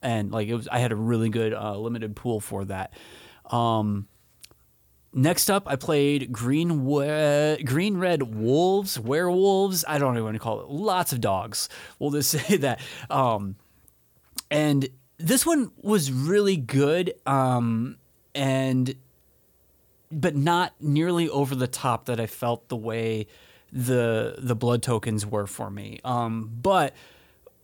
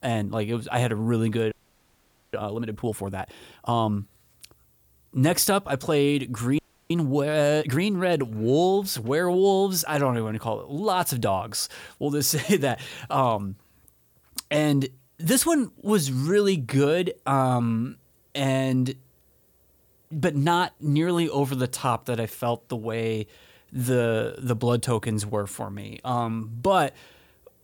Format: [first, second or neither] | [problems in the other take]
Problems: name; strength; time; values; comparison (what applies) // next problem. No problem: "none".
first | audio freezing; at 1.5 s for 1 s and at 6.5 s